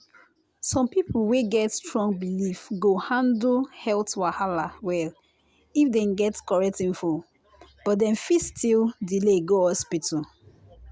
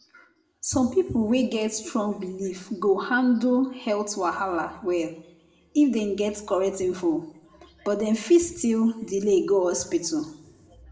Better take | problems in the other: first | room echo; dies away in 0.6 s

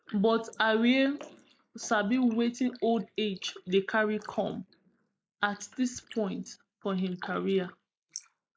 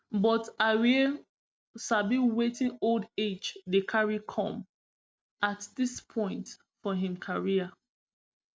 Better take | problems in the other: second | noise reduction (neural mask model Resemble Enhance denoiser)

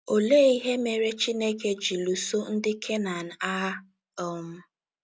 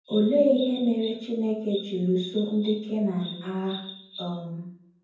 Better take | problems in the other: first | background sound (Bird vocalization, bird call, bird song); 17 dB below the speech // room echo; dies away in 0.9 s

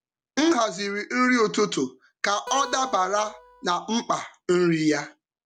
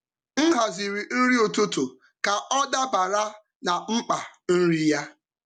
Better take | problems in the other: second | background sound (Acoustic guitar); 16 dB below the speech

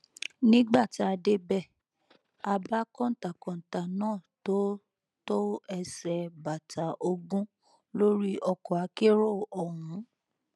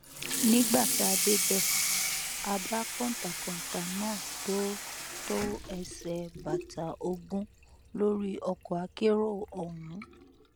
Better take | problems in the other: first | background sound (Sink (filling or washing) / Water tap, faucet); 2 dB below the speech

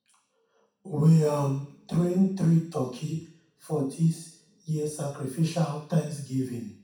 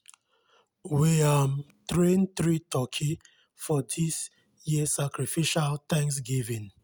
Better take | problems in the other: second | room echo; dies away in 0.6 s

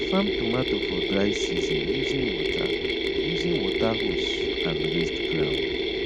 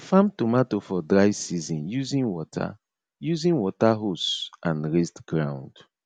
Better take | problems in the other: second | background sound (Mechanisms); 5 dB above the speech

